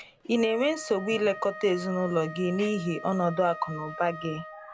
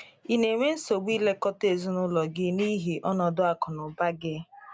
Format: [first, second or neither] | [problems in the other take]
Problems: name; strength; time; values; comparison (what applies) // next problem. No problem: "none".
second | background sound (Wind instrument, woodwind instrument); 14 dB below the speech